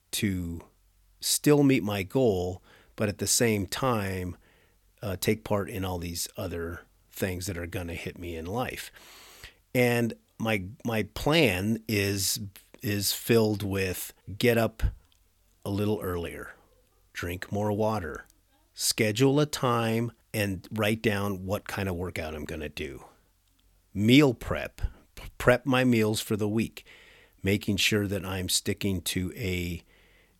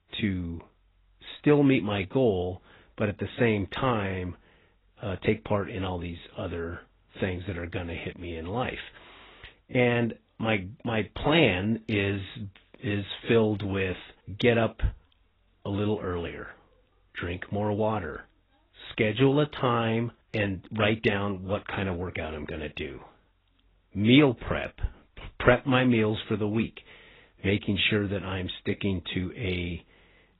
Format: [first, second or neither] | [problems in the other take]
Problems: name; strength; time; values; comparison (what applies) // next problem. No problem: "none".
first | garbled, watery; badly; nothing above 4 kHz